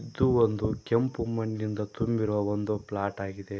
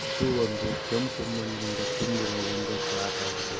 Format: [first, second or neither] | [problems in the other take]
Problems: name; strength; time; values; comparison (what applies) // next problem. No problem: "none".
first | background sound (Fixed-wing aircraft, airplane); as loud as the speech // room echo; dies away in 0.1 s